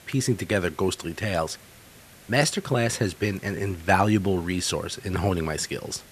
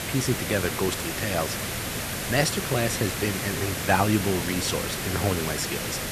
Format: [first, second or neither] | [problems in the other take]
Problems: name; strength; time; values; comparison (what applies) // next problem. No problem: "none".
first | hiss; loud; throughout; 2 dB below the speech; faint in the first